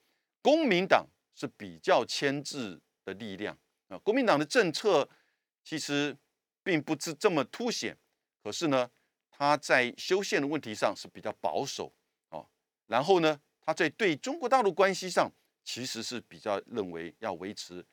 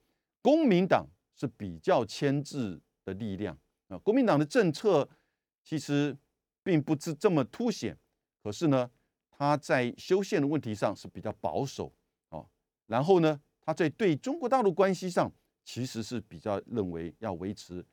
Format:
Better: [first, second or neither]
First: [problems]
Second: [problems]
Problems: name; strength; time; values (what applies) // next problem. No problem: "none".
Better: second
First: thin; very slightly; fading below 600 Hz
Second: none